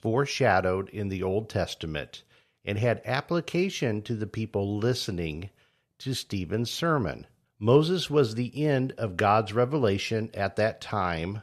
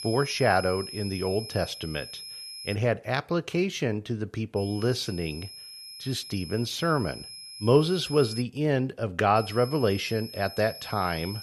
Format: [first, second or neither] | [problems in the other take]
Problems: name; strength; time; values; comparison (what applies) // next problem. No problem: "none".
first | high-pitched whine; noticeable; until 3 s, from 4.5 to 8.5 s and from 9.5 s on; 5 kHz, 10 dB below the speech